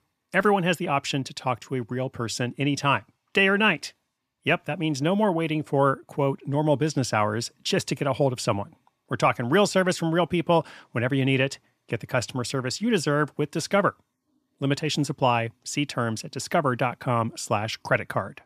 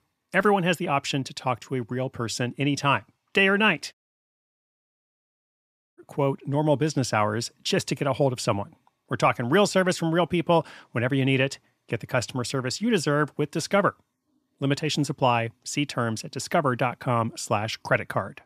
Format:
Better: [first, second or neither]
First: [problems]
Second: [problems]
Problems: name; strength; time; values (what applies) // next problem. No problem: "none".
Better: first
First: none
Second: audio cutting out; at 4 s for 2 s